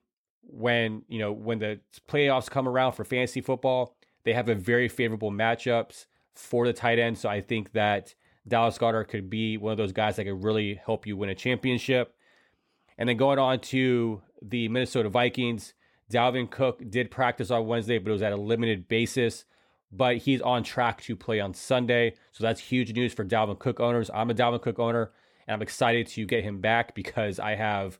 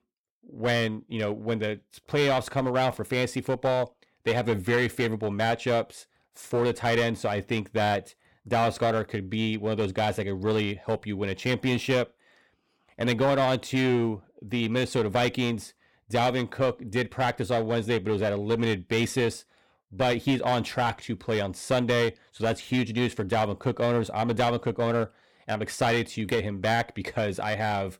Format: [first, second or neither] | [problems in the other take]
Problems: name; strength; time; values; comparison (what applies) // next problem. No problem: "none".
first | distortion; slight; 6% of the sound clipped